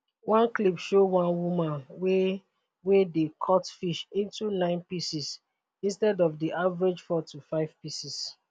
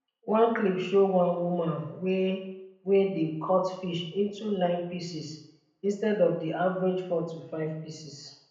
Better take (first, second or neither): first